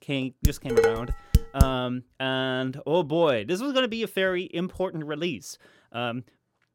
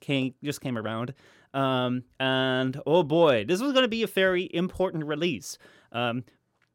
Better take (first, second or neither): second